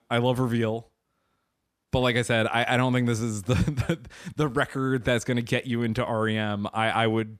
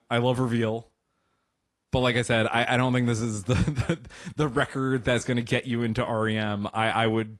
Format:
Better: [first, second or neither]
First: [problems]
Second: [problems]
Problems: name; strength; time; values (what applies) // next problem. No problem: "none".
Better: first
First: none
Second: garbled, watery; slightly